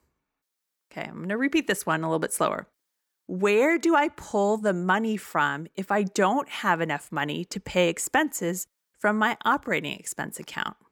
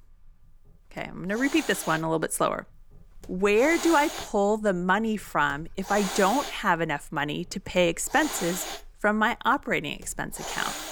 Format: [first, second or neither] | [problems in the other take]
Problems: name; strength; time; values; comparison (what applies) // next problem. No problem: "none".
first | hiss; loud; throughout; 9 dB below the speech